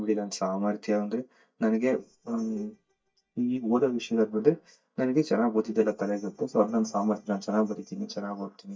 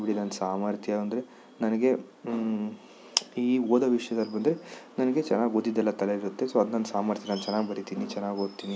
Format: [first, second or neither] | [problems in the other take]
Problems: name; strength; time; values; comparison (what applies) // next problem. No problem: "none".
second | noise reduction (neural mask model DeepFilterNet 3)